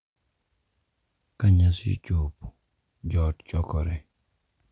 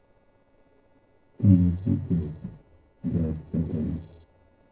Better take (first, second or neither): first